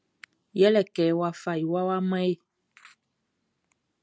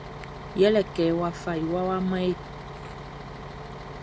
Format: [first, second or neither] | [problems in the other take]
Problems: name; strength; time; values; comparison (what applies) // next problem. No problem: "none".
first | background sound (Bus); 11 dB below the speech